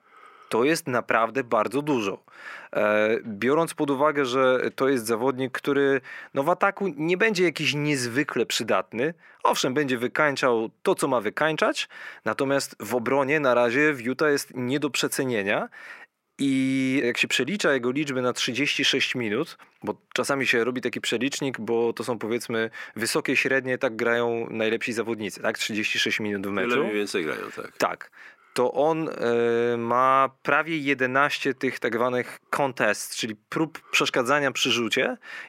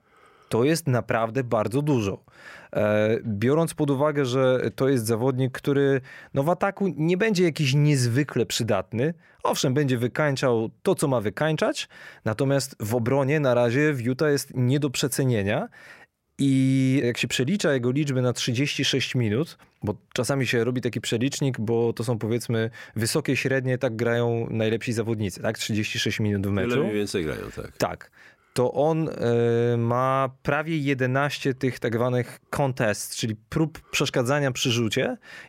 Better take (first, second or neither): second